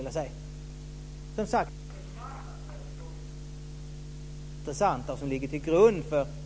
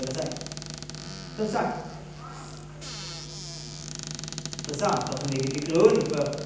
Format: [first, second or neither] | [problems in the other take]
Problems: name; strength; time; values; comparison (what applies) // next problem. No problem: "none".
first | background sound (Squeak / Cupboard open or close); 10 dB below the speech // room echo; dies away in 0.9 s